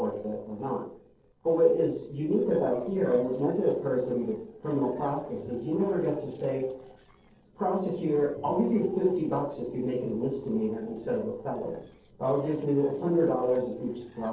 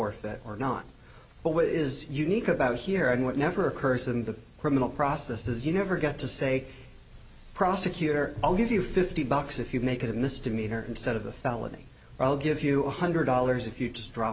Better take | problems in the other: second | noise reduction (neural separator model SepFormer DNS4)

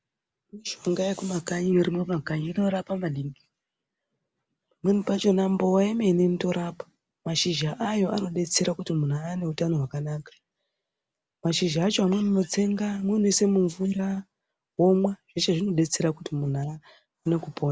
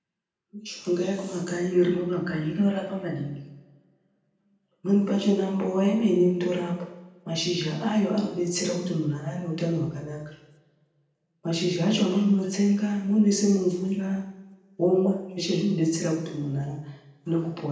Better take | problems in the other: first | room echo; dies away in 0.9 s

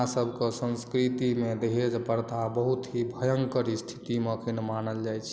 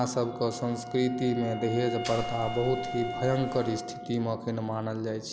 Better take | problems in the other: first | background sound (Wind instrument, woodwind instrument + Mechanisms); 9 dB below the speech

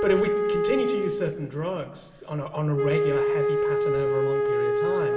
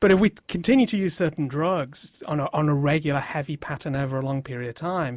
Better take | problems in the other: second | background sound (Wind instrument, woodwind instrument); 4 dB above the speech // room echo; dies away in 3 s

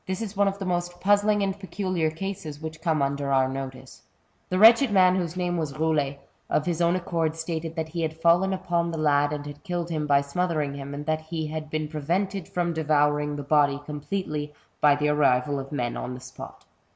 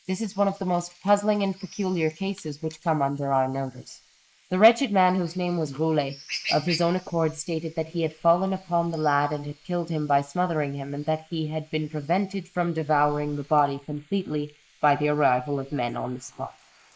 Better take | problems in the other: first | noise reduction (neural mask model Resemble Enhance denoiser)

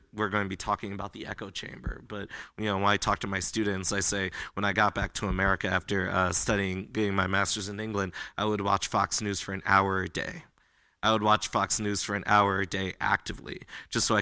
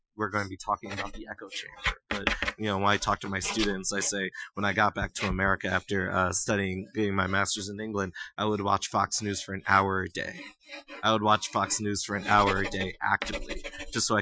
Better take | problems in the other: first | noise reduction (classical method Wiener filter)

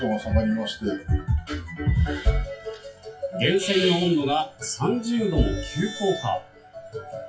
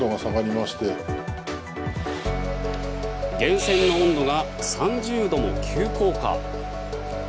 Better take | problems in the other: second | noise reduction (classical method WPE with log-MMSE)

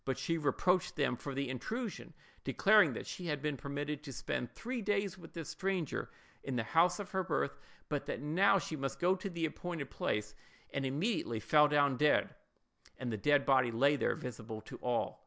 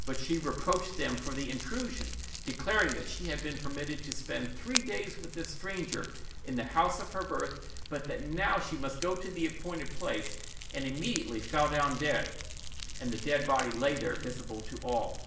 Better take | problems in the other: first | background sound (Fire); 5 dB below the speech // room echo; dies away in 0.7 s

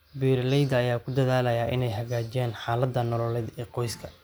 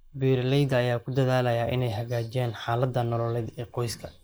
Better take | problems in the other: first | noise reduction (neural mask model Resemble Enhance denoiser)

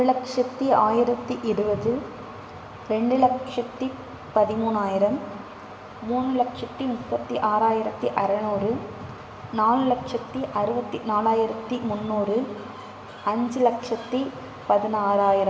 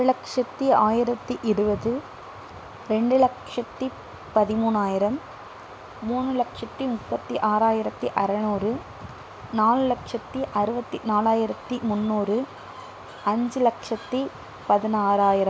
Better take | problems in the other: second | room echo; dies away in 3 s

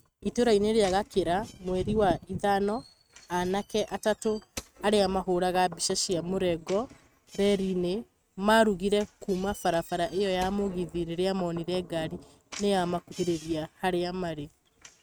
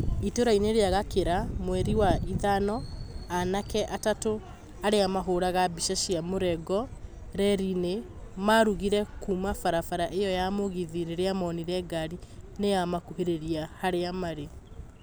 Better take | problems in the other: second | noise reduction (neural mask model RNNoise)

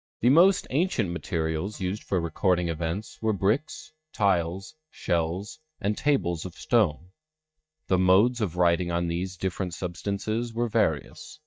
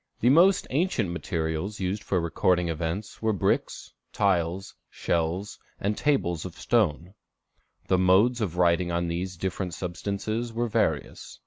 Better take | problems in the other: second | noise reduction (neural mask model DeepFilterNet 3)

